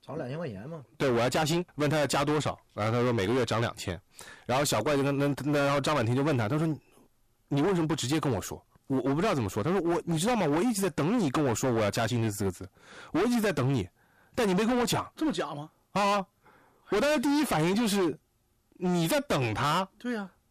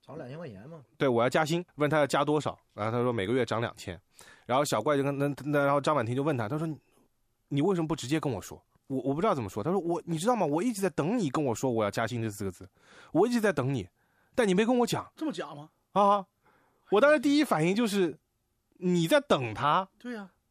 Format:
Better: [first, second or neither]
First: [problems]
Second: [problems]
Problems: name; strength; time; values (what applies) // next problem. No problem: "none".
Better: second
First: distortion; heavy; 22% of the sound clipped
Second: none